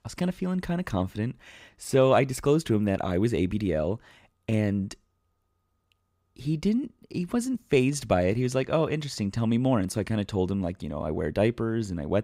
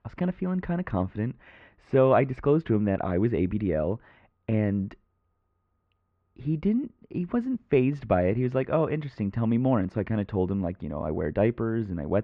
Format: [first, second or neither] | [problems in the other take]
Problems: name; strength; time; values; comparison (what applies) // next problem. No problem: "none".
first | muffled; very; fading above 2 kHz